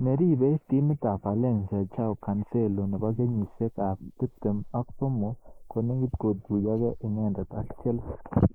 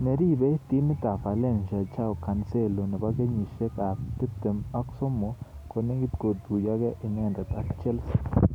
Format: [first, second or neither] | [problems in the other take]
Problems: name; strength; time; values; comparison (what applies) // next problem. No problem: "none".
second | noise reduction (neural mask model Resemble Enhance denoiser)